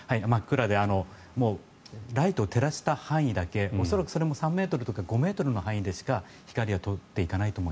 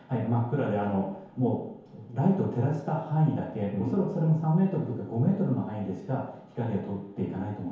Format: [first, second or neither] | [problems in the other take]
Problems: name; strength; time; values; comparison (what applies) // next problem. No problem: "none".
first | room echo; dies away in 1 s